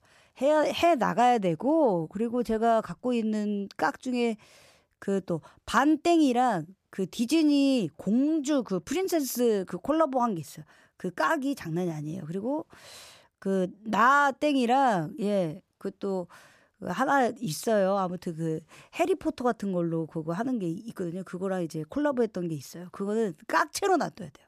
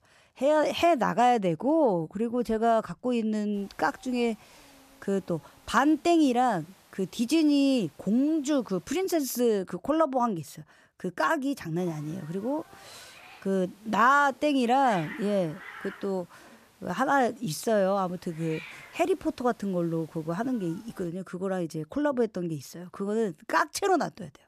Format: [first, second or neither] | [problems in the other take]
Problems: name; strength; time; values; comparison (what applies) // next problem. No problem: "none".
first | hiss; faint; from 3.5 to 9 s and from 12 to 21 s; 25 dB below the speech